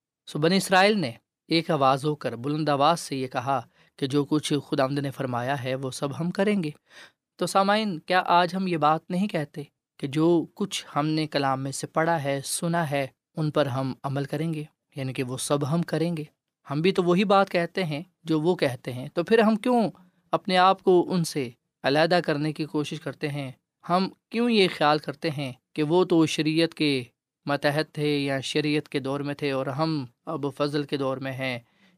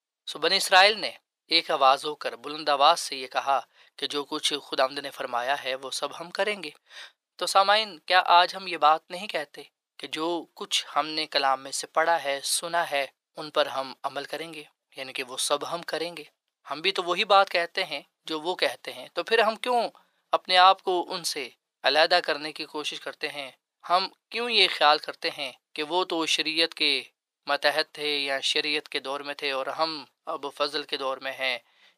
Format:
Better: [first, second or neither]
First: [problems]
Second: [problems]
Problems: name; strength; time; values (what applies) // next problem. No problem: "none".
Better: first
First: none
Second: thin; very; fading below 700 Hz